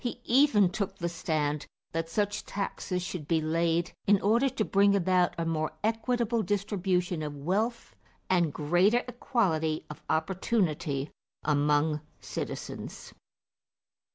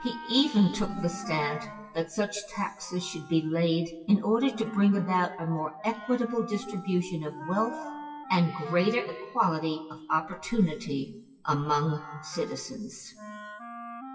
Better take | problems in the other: first | noise reduction (classical method WPE with log-MMSE)

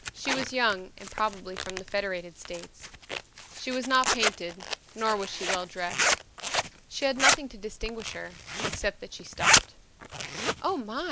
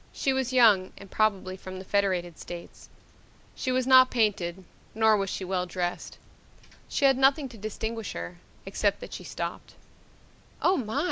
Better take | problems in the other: second | background sound (Zipper (clothing)); 1 dB above the speech

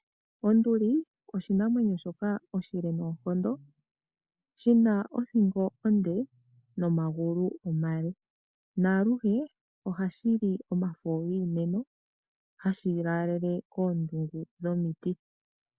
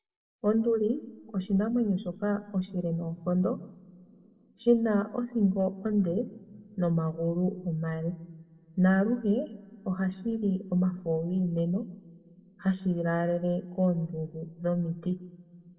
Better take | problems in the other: first | room echo; dies away in 0.7 s

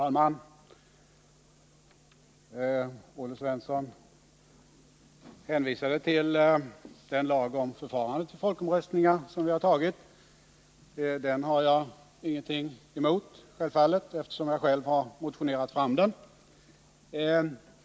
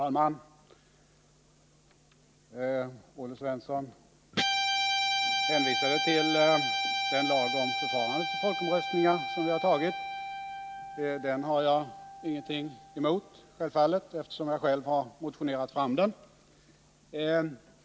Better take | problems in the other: first | background sound (Guitar); 4 dB below the speech

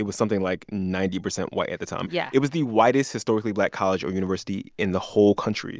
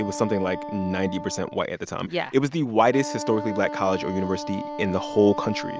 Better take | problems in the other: first | background sound (Wind instrument, woodwind instrument); 10 dB below the speech

